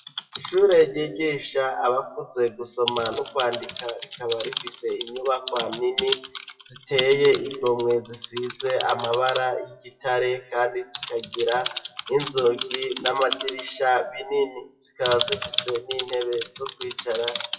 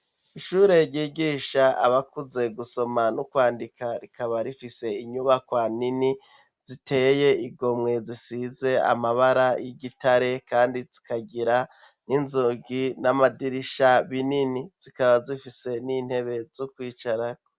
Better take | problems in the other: second | noise reduction (classical method WPE with log-MMSE)

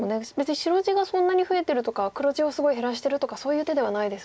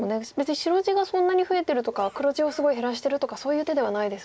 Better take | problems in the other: first | noise reduction (neural mask model Resemble Enhance denoiser)

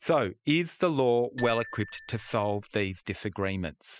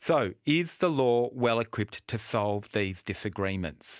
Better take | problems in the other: second | noise reduction (classical method spectral subtraction)

